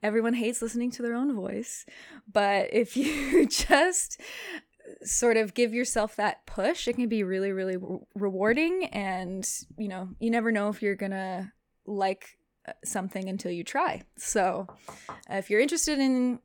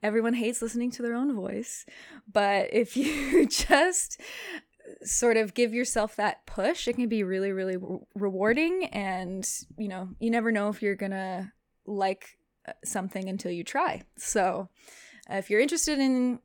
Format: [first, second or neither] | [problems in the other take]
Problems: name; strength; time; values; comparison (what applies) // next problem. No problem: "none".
second | door banging; faint; at 15 s; peak 15 dB below the speech